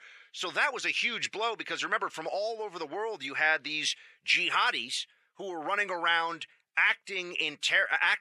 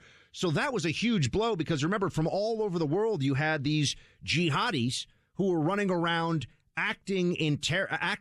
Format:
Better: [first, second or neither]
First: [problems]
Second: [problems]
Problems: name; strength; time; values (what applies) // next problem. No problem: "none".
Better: second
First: thin; very; fading below 700 Hz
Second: none